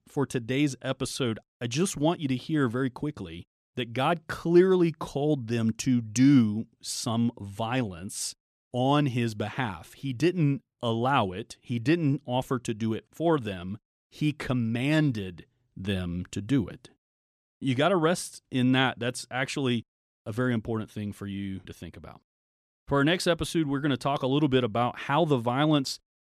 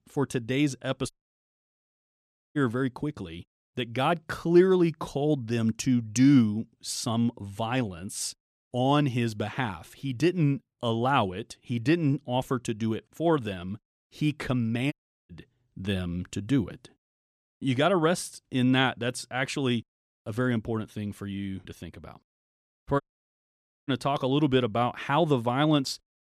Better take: first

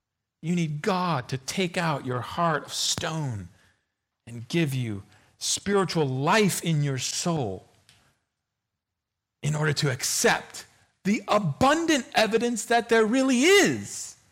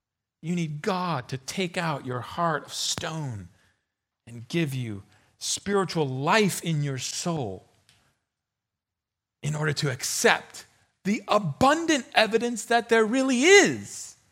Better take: second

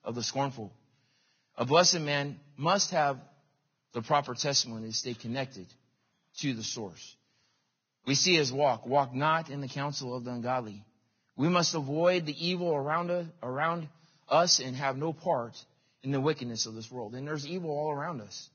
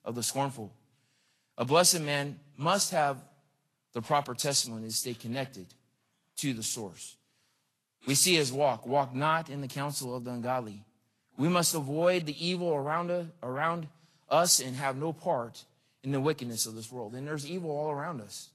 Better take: second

